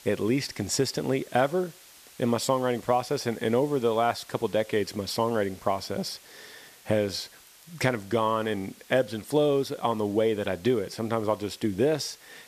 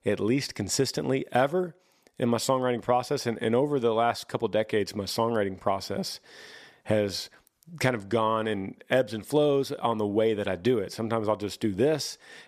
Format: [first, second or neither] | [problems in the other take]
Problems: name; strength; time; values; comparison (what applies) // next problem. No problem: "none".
second | hiss; faint; throughout; 25 dB below the speech